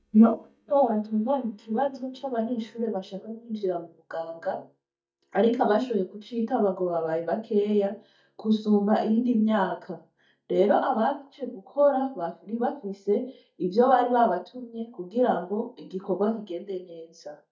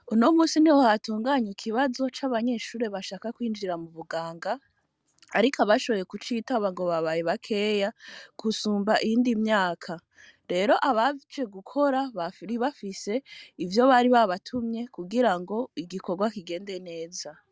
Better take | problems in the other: second | noise reduction (neural mask model DeepFilterNet 3)

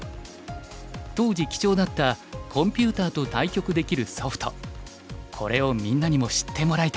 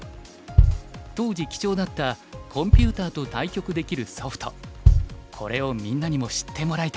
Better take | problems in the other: first | background sound (Bass drum); 4 dB above the speech

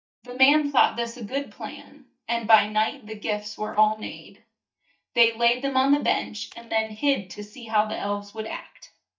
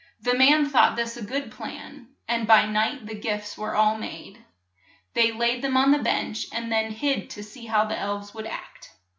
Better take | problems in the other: second | noise reduction (neural mask model DeepFilterNet 3)

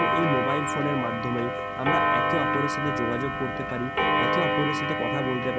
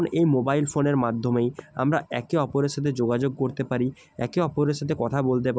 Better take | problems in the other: second | background sound (Clock); 4 dB above the speech

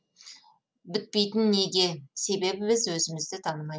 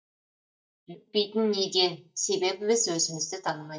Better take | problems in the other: first | noise reduction (neural mask model DeepFilterNet 3)

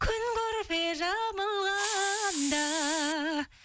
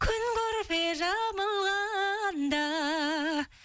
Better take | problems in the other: second | background sound (Hiss); 5 dB below the speech

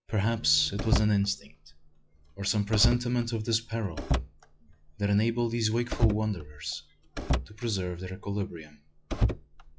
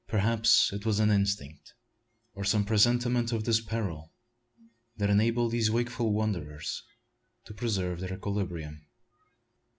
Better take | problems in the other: second | noise reduction (classical method log-MMSE)

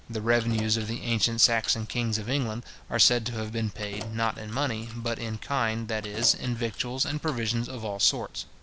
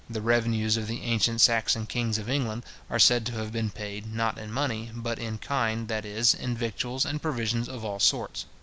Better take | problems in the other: second | background sound (Keys jangling); 17 dB below the speech

